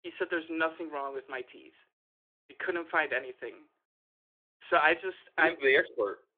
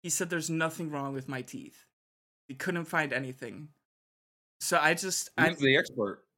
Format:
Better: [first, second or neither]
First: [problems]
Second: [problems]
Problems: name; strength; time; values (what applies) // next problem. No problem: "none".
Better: second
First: phone-call audio; nothing above 3.5 kHz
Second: none